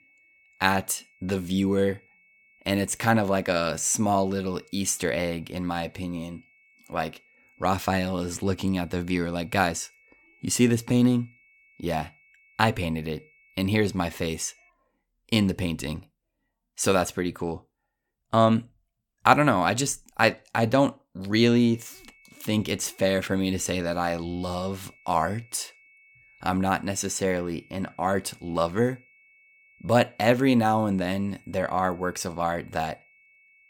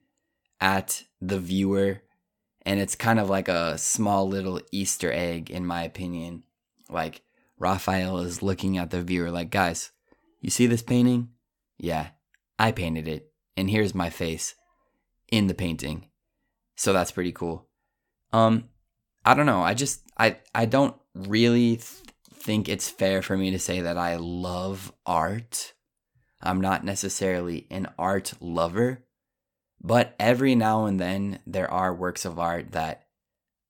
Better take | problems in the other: second | high-pitched whine; faint; until 15 s and from 21 s on; 2 kHz, 30 dB below the speech

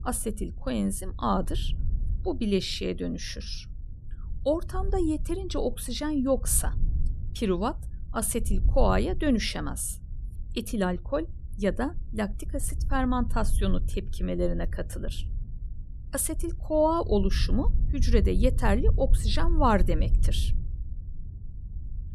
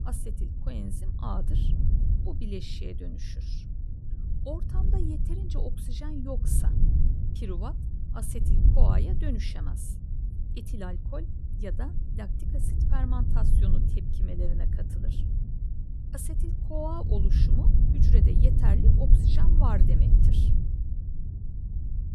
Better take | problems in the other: first | low rumble; loud; throughout; 2 dB below the speech; faint in the first

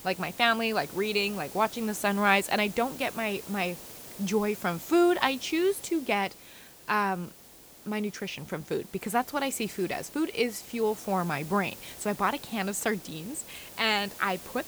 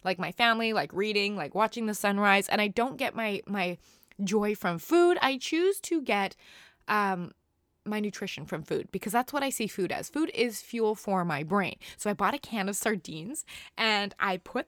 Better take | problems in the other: second | hiss; noticeable; throughout; 15 dB below the speech

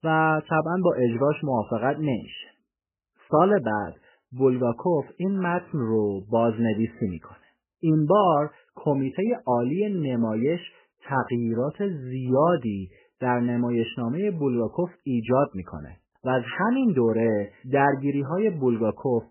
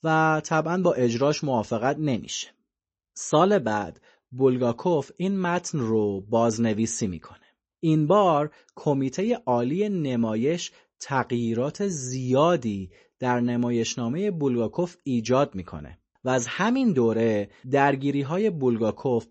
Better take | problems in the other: second | garbled, watery; badly; nothing above 3 kHz; slightly in the second

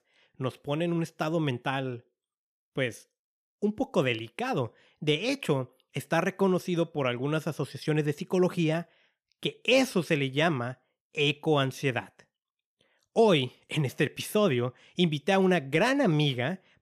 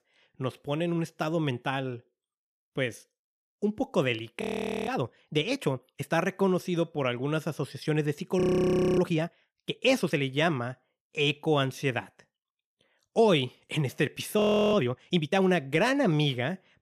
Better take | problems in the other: first | audio freezing; at 4.5 s, at 8.5 s for 0.5 s and at 14 s

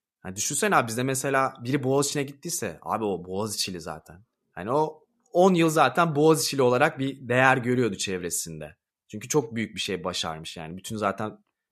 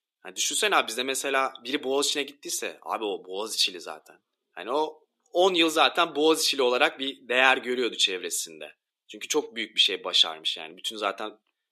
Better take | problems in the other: first | thin; somewhat; fading below 300 Hz

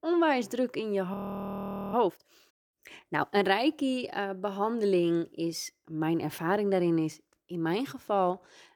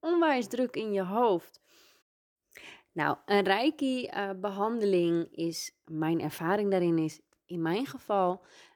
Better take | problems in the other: second | audio freezing; at 1 s for 1 s

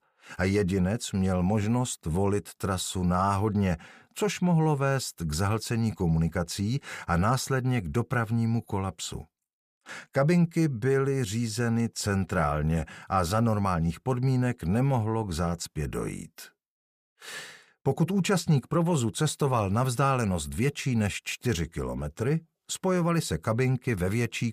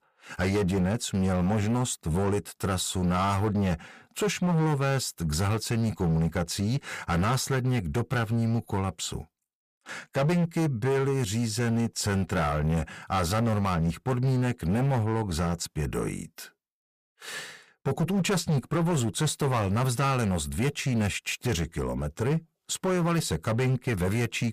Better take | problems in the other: first | distortion; slight; 16% of the sound clipped

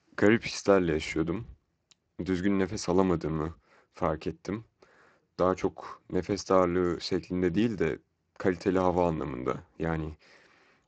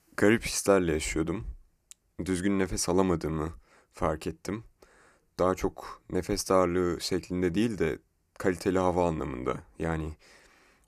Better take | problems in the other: second | garbled, watery; slightly; nothing above 7.5 kHz

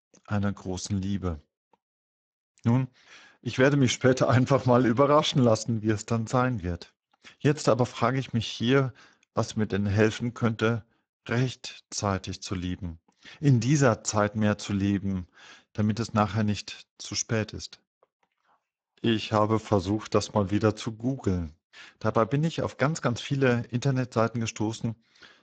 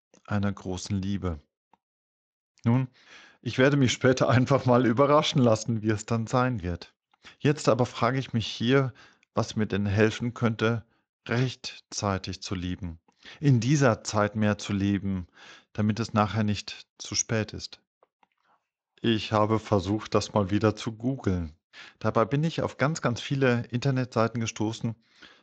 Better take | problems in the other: second | garbled, watery; badly; nothing above 7.5 kHz; slightly in the second

